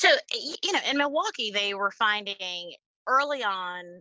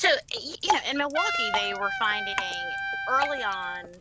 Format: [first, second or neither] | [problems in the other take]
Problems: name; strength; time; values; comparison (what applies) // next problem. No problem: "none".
first | background sound (Trumpet + Drip); 2 dB below the speech